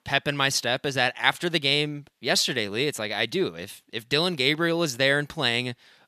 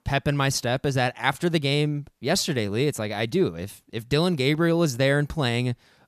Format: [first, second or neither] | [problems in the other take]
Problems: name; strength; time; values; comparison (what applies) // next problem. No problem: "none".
second | thin; very slightly; fading below 650 Hz